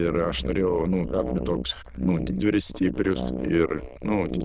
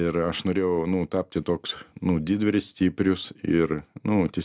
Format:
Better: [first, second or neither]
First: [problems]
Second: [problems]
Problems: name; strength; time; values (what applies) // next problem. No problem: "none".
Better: second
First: noise reduction (neural diffusion model UNIVERSE++)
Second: none